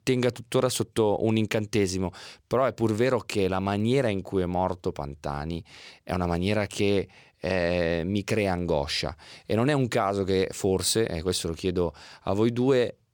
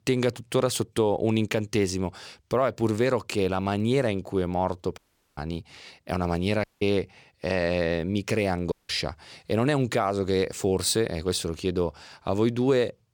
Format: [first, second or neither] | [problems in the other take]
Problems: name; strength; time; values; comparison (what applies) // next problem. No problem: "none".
first | audio cutting out; at 5 s, at 6.5 s and at 8.5 s